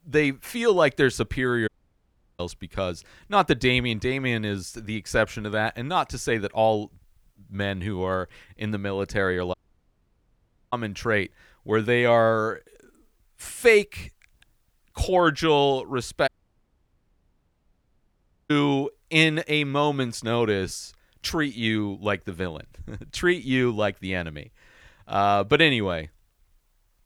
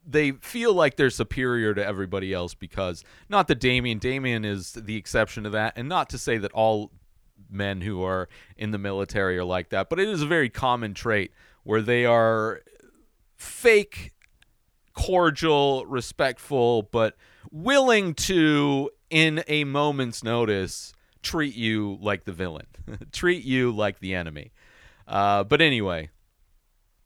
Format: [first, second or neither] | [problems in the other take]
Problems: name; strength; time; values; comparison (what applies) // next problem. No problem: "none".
second | audio cutting out; at 1.5 s for 0.5 s, at 9.5 s for 1 s and at 16 s for 2 s